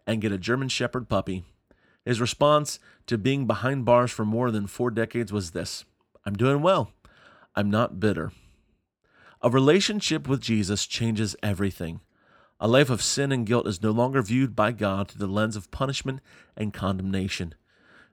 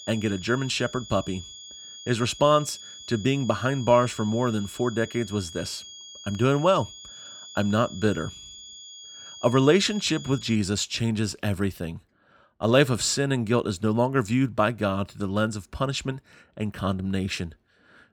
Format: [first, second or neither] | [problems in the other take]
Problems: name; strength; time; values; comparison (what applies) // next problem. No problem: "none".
first | high-pitched whine; noticeable; until 11 s; 3.5 kHz, 15 dB below the speech